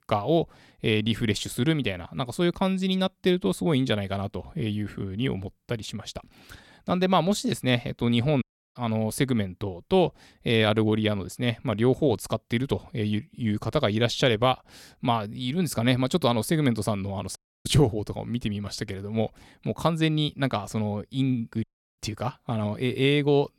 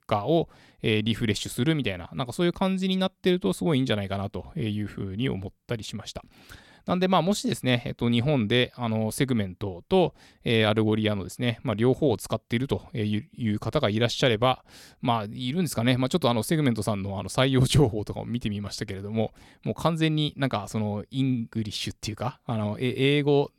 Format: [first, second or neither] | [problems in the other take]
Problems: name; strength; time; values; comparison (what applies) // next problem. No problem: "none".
second | audio cutting out; at 8.5 s, at 17 s and at 22 s